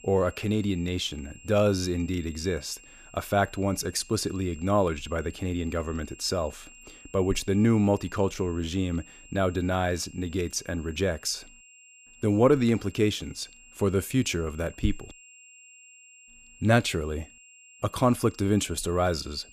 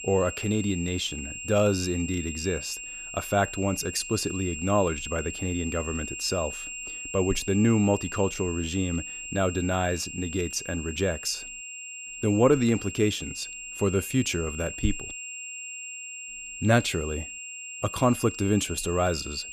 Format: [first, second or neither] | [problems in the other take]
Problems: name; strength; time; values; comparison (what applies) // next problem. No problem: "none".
first | high-pitched whine; loud; throughout; 3 kHz, 8 dB below the speech; faint in the first